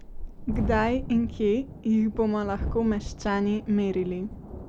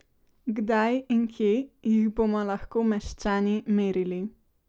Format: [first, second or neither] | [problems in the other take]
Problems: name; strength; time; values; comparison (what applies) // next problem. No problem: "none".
second | background sound (Thunderstorm); 9 dB below the speech